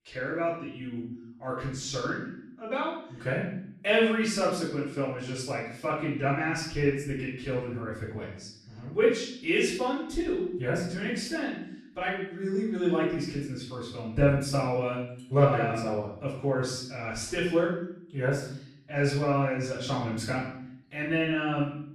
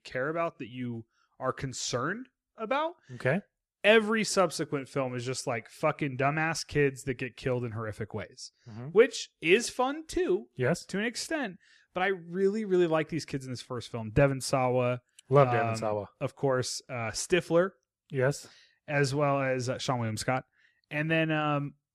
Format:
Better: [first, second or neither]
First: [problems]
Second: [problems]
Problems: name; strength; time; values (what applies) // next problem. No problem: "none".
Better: second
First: off-mic speech; far // room echo; noticeable; dies away in 0.7 s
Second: none